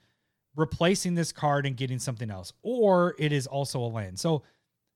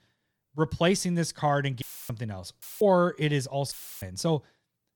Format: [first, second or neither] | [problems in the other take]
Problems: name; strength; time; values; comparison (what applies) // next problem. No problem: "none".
first | audio cutting out; filled with static; at 2 s, at 2.5 s and at 3.5 s